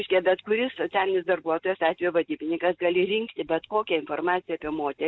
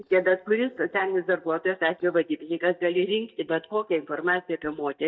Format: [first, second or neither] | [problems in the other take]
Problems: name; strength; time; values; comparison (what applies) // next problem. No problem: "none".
first | noise reduction (neural mask model DeepFilterNet 3)